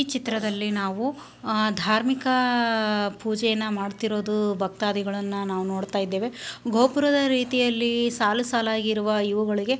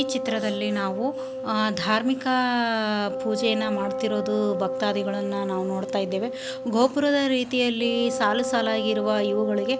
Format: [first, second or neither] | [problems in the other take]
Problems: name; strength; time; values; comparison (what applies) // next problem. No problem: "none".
first | background sound (Wind instrument, woodwind instrument); 6 dB below the speech